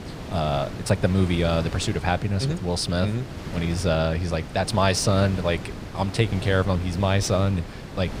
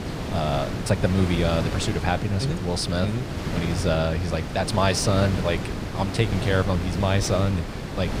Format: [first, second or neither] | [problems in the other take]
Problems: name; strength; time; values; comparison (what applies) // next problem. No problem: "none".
first | wind noise on the microphone; heavy; 7 dB below the speech; occasional gusts in the first